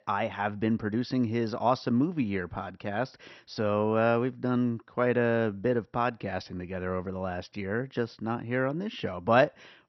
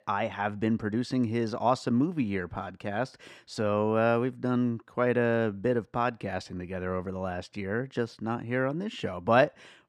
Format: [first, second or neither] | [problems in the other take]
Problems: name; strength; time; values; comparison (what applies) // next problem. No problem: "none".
second | garbled, watery; slightly; nothing above 6 kHz